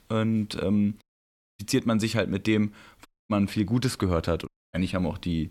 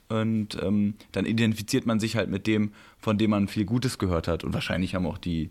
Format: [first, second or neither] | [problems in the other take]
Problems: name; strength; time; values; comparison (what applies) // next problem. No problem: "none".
second | audio cutting out; at 1 s for 0.5 s, at 3 s and at 4.5 s